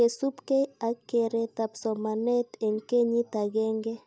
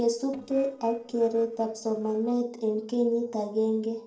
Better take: first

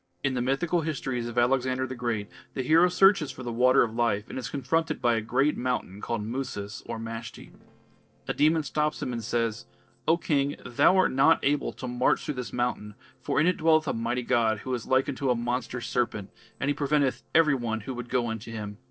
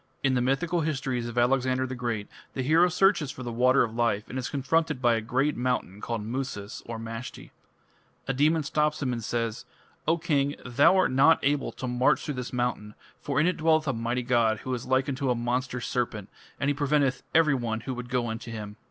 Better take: second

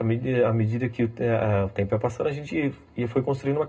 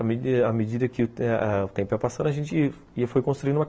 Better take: second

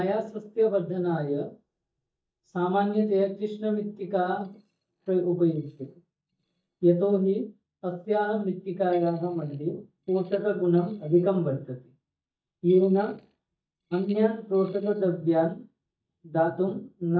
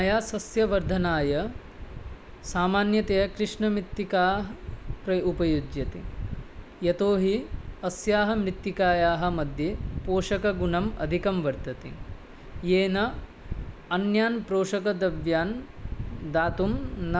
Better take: second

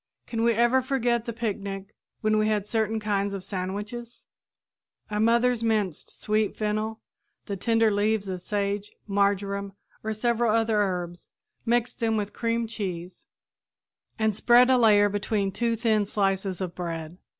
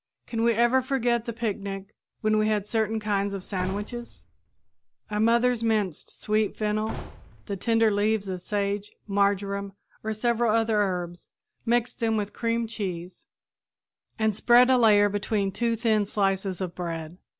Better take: first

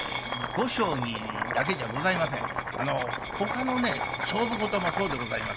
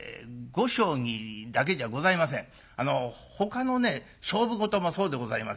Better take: second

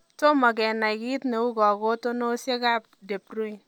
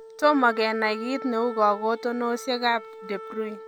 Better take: first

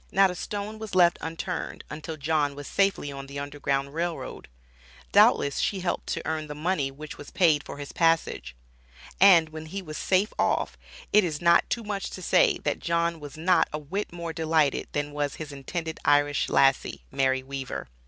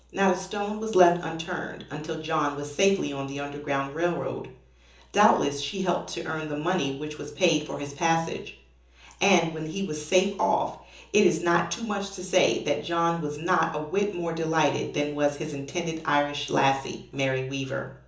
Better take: first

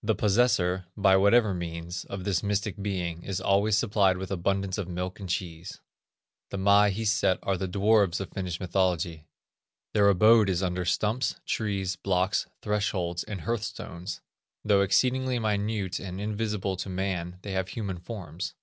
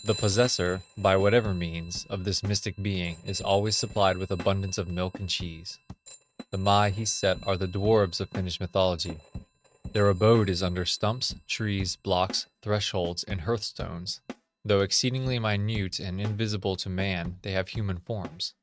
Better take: first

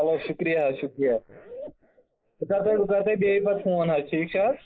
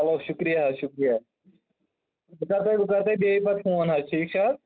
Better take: second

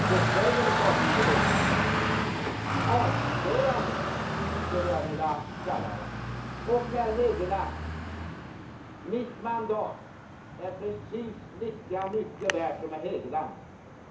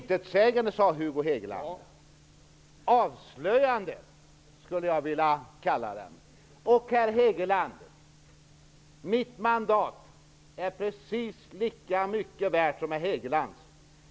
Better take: second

